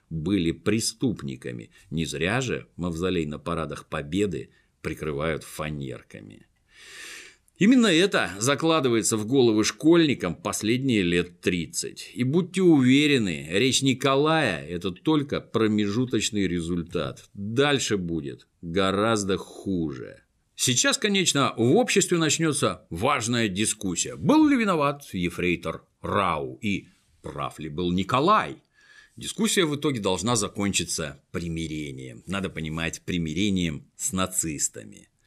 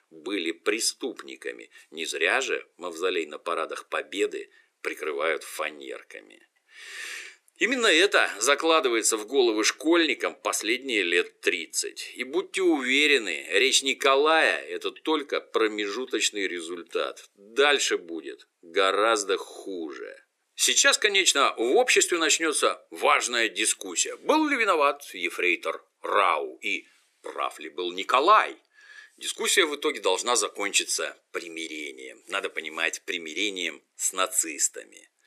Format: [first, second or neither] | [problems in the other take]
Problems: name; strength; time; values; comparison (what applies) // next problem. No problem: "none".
first | thin; very; fading below 350 Hz